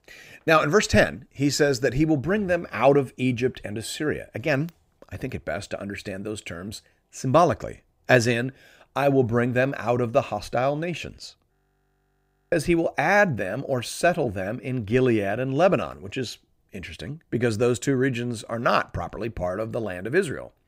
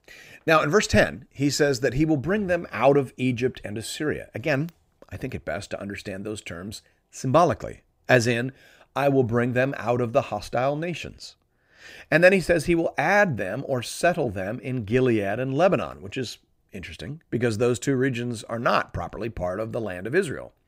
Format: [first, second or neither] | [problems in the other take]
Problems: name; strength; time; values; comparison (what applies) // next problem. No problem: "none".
second | audio freezing; at 12 s for 1 s